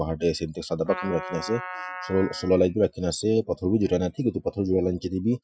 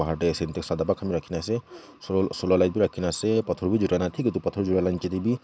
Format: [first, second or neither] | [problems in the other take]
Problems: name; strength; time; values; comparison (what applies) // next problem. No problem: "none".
second | noise reduction (classical method Wiener filter)